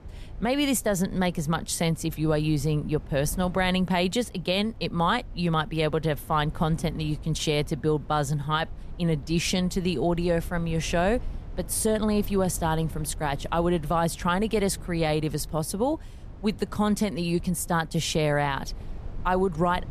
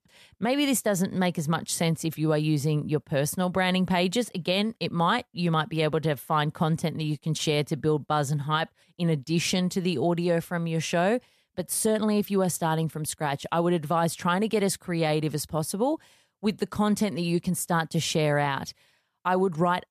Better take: second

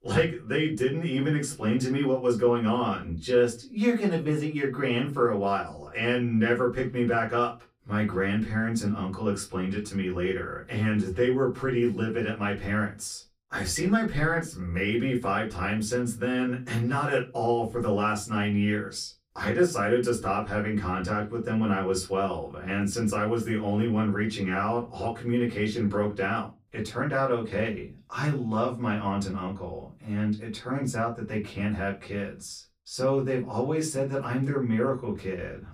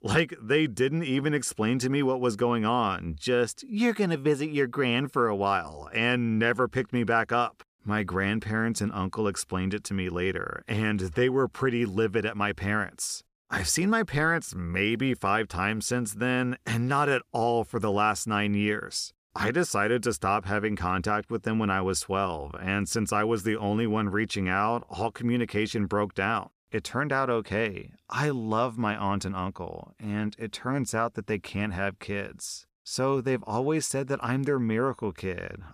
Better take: second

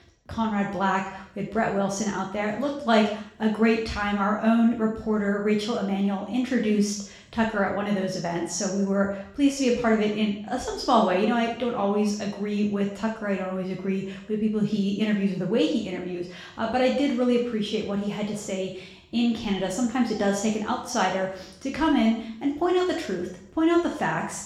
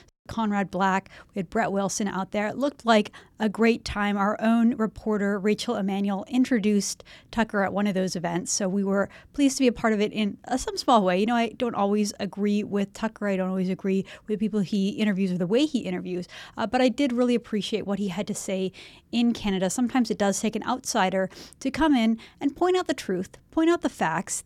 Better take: second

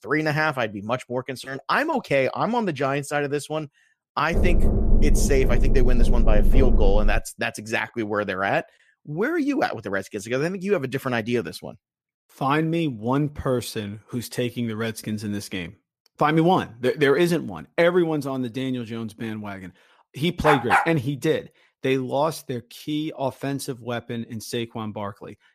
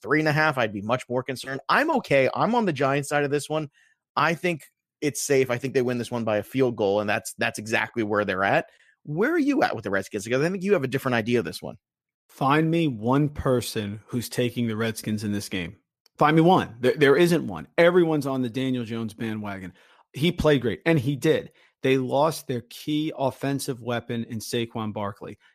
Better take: second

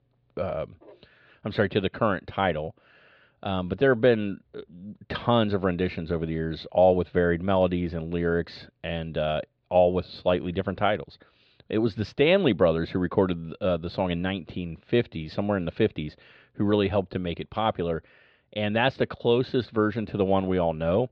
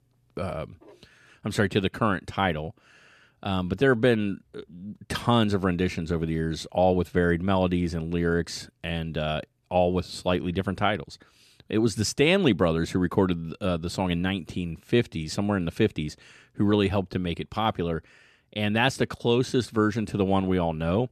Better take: second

